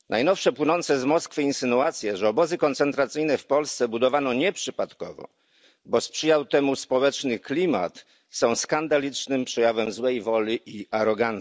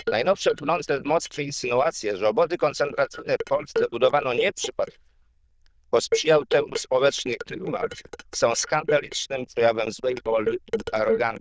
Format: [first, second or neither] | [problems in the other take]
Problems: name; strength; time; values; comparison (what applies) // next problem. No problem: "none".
first | noise reduction (neural diffusion model UNIVERSE++)